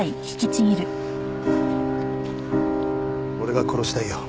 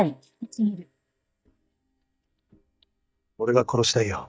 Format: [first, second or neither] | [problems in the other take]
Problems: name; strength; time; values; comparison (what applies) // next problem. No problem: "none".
first | noise reduction (neural mask model DeepFilterNet 3)